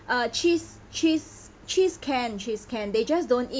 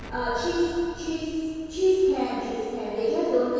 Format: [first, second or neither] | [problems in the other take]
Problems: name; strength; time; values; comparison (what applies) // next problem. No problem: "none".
first | background sound (Explosion); 18 dB below the speech // room echo; dies away in 2.2 s